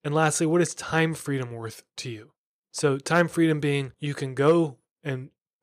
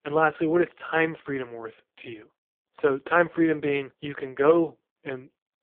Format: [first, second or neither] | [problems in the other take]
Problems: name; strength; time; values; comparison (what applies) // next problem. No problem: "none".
first | phone-call audio; poor line